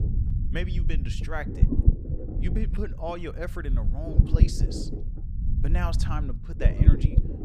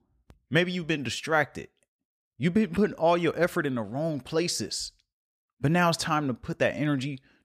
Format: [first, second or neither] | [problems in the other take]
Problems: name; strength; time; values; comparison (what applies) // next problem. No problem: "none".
second | low rumble; loud; throughout; 3 dB below the speech